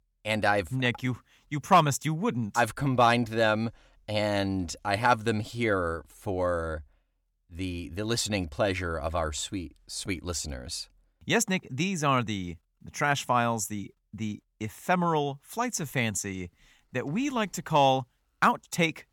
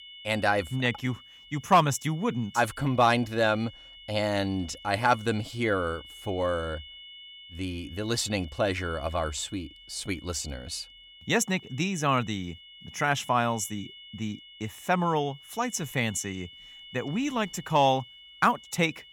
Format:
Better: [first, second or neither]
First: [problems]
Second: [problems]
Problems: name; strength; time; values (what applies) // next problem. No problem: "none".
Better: first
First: none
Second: high-pitched whine; noticeable; throughout; 3 kHz, 20 dB below the speech